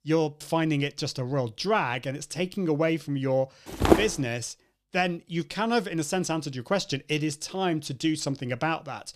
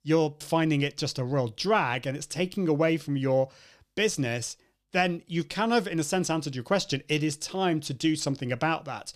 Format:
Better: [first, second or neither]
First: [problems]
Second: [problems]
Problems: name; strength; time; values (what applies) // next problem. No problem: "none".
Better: second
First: footsteps; loud; at 4 s; peak 6 dB above the speech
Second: none